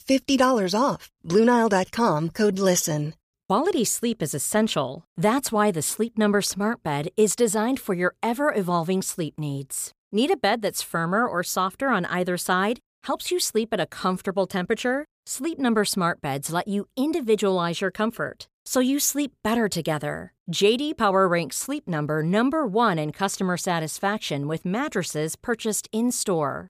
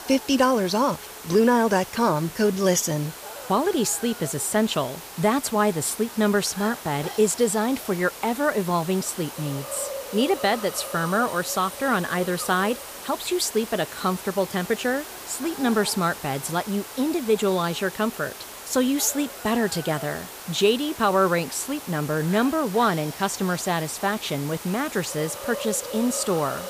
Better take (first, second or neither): first